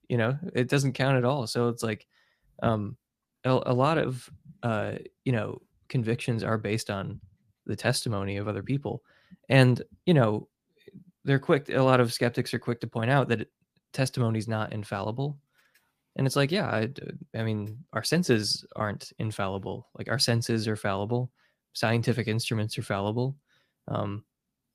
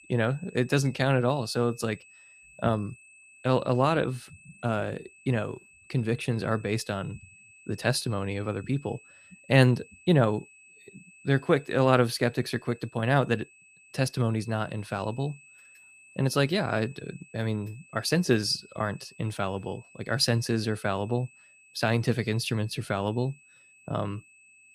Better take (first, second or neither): first